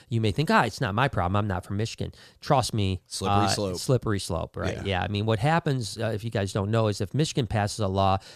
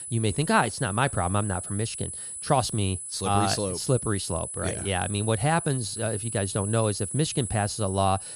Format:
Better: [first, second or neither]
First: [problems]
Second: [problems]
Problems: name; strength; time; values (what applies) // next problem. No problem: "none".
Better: first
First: none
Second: high-pitched whine; loud; throughout; 10 kHz, 6 dB below the speech